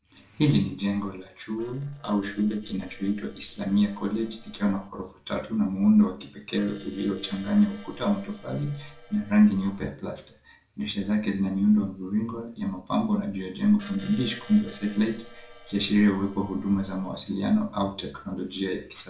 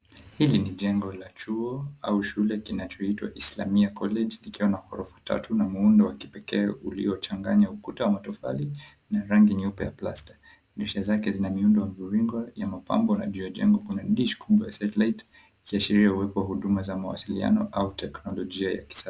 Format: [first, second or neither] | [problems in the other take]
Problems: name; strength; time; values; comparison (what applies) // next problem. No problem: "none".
second | noise reduction (neural separator model SepFormer DNS4)